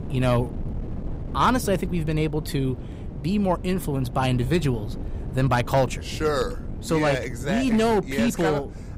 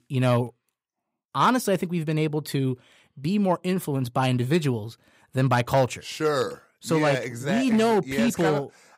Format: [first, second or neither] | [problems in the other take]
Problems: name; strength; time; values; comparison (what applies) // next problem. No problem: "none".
second | wind noise on the microphone; occasional gusts; 20 dB below the speech